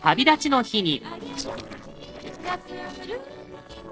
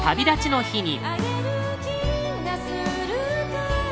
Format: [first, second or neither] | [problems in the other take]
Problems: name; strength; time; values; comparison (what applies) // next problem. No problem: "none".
second | noise reduction (neural separator model SepFormer DNS4)